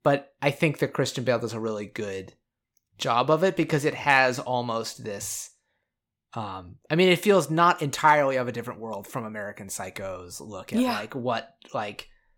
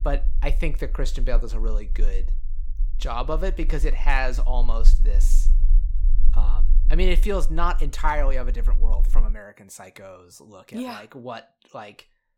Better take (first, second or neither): first